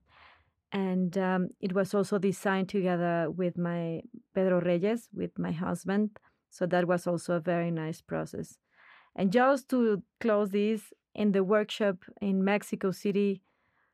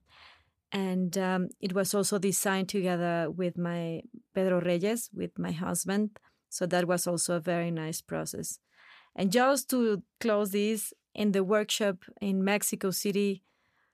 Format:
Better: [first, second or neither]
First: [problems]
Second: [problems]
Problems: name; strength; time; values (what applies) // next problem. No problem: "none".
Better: second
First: muffled; slightly; fading above 3.5 kHz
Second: none